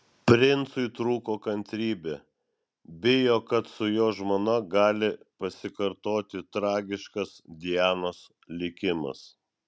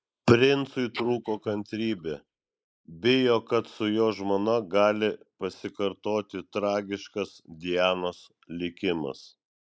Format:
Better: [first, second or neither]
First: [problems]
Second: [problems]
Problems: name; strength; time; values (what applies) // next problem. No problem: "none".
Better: first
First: none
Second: noise reduction (neural mask model Resemble Enhance denoiser)